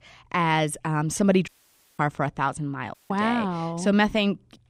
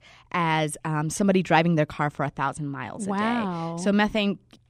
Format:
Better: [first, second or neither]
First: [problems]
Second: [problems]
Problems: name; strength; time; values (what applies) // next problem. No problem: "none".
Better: second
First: audio cutting out; at 1.5 s for 0.5 s and at 3 s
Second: none